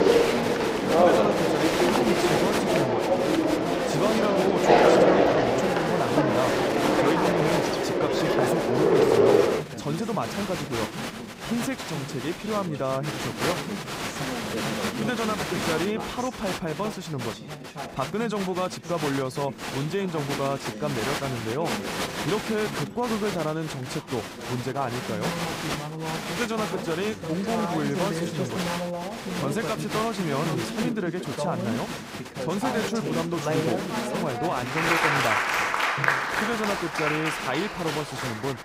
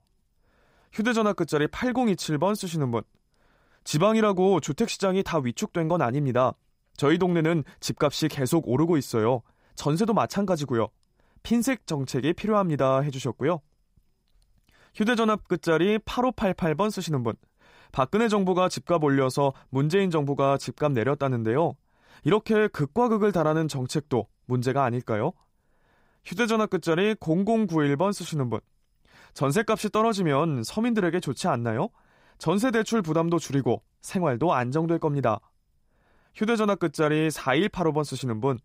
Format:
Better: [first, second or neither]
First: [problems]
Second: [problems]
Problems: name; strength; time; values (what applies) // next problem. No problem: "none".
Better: second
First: crowd noise; very loud; throughout; 4 dB above the speech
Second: none